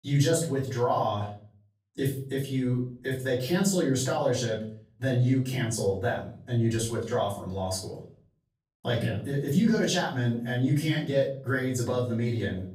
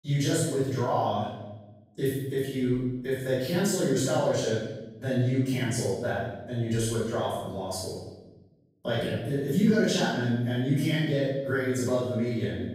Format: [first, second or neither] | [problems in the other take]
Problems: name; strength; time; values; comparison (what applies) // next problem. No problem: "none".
first | room echo; strong; dies away in 1 s; slight in the first // off-mic speech; far; far in the first